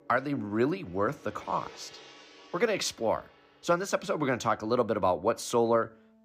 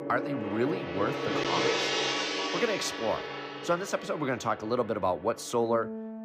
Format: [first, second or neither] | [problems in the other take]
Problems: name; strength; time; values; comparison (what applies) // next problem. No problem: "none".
first | background music; loud; throughout; as loud as the speech; faint in the first